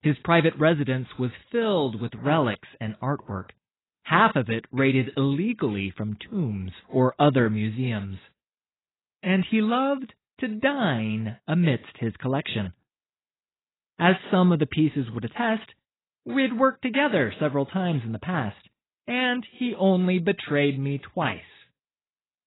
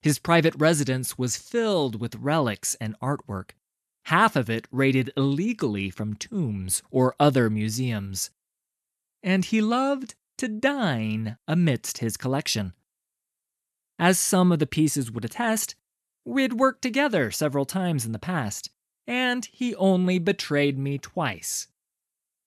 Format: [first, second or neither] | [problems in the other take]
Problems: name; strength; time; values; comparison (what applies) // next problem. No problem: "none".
second | garbled, watery; badly; nothing above 4 kHz